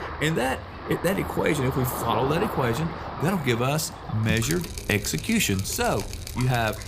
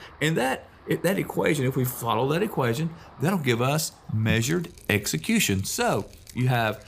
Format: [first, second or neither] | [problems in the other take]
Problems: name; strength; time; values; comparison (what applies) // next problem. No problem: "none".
second | rain or running water; loud; throughout; 8 dB below the speech; faint in the second